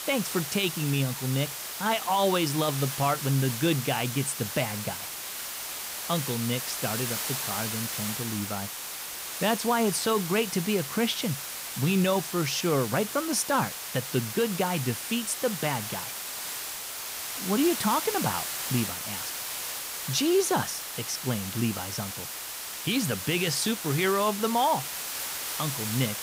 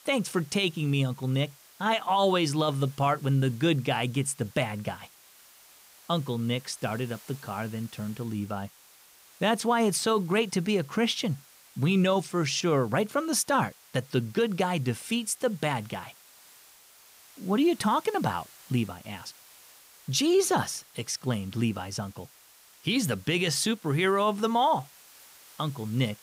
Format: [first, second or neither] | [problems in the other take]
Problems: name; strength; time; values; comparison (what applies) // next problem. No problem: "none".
second | hiss; loud; throughout; 4 dB below the speech; faint in the second